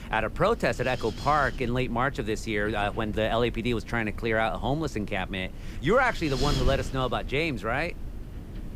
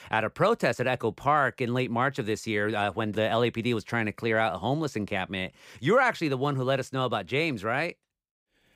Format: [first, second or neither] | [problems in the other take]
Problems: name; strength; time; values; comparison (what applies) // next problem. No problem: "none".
second | wind noise on the microphone; occasional gusts; 15 dB below the speech